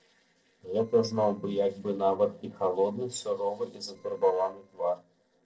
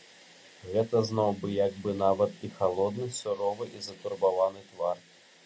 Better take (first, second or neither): second